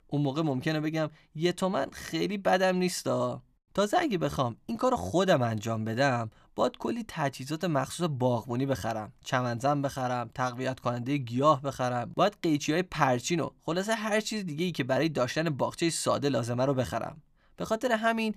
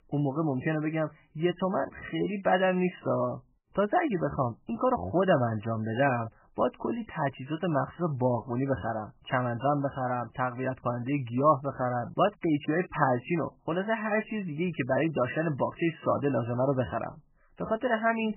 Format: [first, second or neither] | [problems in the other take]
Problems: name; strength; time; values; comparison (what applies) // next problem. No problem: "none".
first | garbled, watery; badly; nothing above 3 kHz